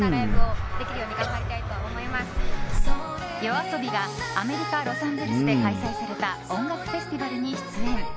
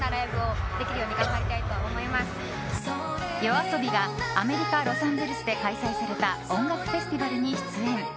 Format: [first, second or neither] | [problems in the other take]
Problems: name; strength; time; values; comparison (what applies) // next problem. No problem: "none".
second | background sound (Respiratory sounds); 3 dB above the speech